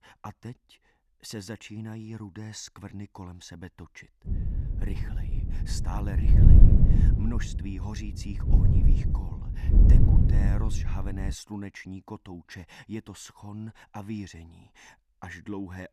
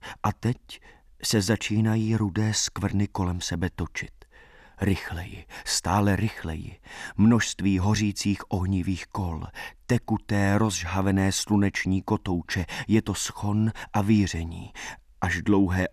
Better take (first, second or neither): second